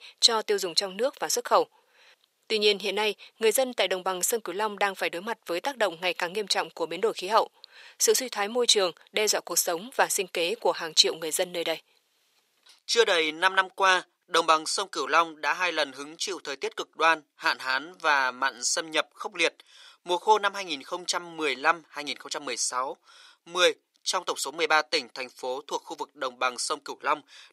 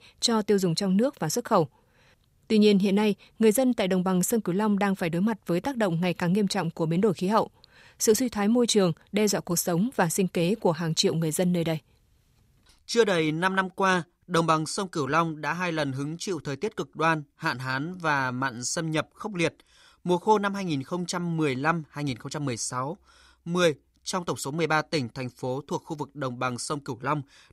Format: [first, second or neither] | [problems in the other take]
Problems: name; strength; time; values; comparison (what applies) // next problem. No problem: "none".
second | thin; very; fading below 450 Hz